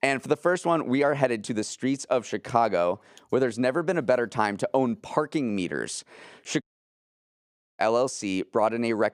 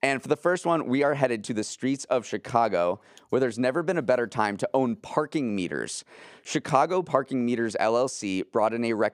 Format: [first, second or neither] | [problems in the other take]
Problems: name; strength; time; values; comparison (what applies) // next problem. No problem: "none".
second | audio cutting out; at 6.5 s for 1 s